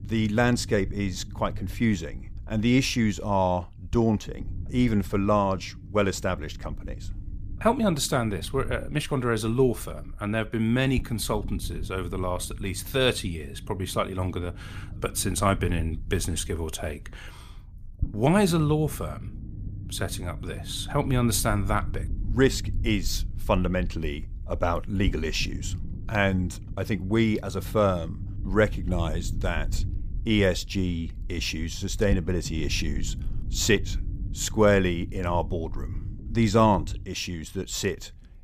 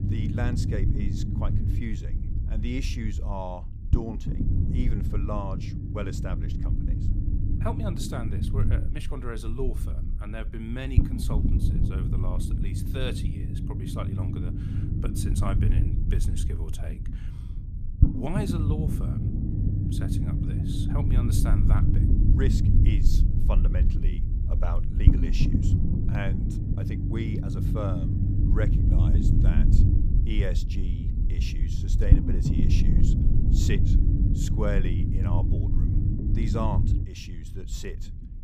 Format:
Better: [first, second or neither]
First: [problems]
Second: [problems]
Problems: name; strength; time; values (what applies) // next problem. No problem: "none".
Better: first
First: low rumble; faint; throughout; 25 dB below the speech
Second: low rumble; loud; throughout; as loud as the speech